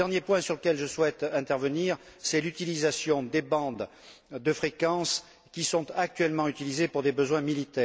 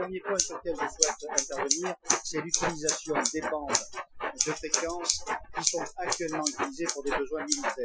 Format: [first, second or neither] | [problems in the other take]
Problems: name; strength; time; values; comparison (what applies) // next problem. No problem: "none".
first | noise reduction (classical method Wiener filter)